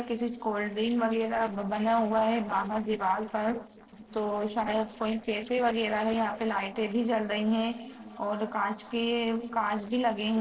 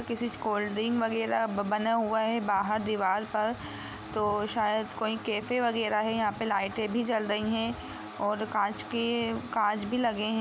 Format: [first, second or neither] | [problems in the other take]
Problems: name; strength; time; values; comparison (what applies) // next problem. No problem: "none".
second | noise reduction (neural separator model SepFormer DNS4)